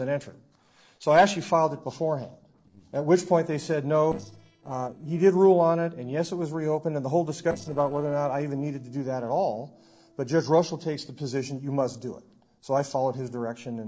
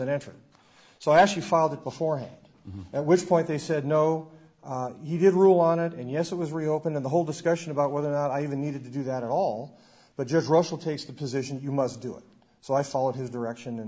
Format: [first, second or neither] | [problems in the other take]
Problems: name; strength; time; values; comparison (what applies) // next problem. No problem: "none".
second | noise reduction (neural separator model SepFormer DNS4)